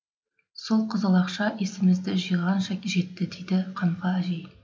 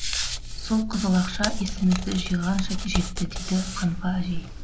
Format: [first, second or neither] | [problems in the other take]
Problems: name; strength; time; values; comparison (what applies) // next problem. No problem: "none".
first | background sound (Hands); 4 dB below the speech